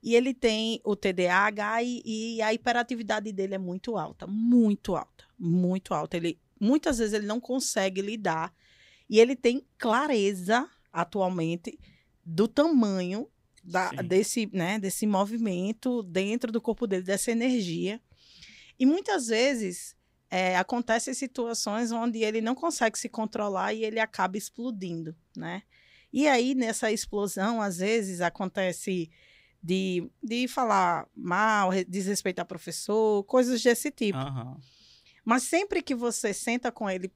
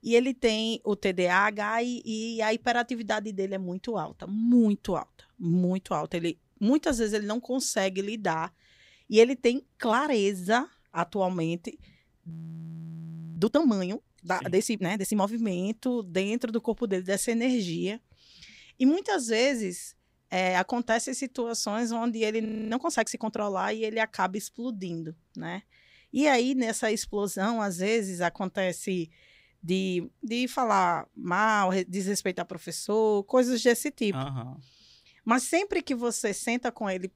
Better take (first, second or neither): first